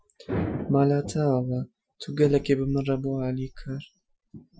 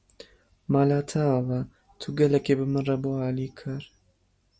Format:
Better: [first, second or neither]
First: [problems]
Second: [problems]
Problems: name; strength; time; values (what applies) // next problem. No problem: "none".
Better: second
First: noise reduction (classical method Wiener filter)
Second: none